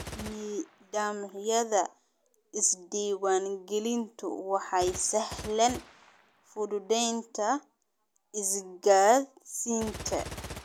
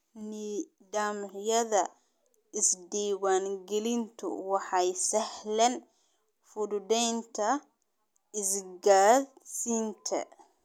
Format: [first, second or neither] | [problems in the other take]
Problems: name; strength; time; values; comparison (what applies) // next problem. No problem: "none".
second | background sound (Gunshot, gunfire); 17 dB below the speech